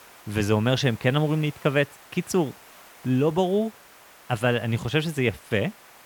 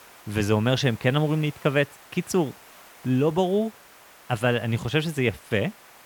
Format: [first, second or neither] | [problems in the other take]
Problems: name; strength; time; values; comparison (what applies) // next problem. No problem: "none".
neither | hiss; faint; throughout; 25 dB below the speech; the same in both